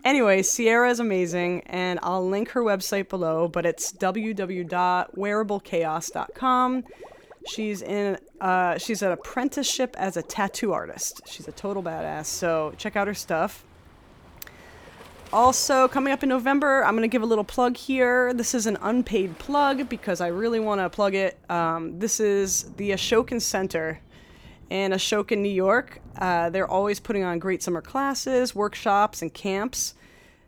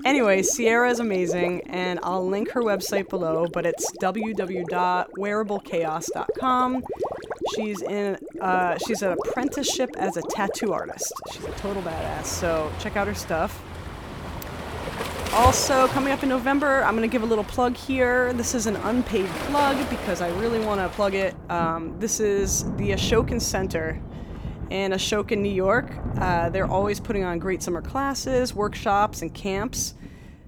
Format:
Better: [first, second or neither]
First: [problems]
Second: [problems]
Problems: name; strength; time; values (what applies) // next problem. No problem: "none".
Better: first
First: rain or running water; faint; throughout; 25 dB below the speech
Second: rain or running water; loud; throughout; 8 dB below the speech